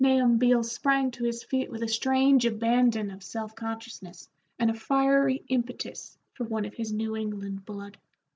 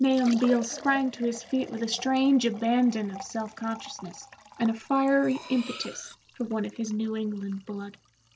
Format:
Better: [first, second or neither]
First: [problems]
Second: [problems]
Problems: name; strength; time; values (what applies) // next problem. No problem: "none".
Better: first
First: none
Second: background sound (Cutlery, silverware + Liquid); 18 dB below the speech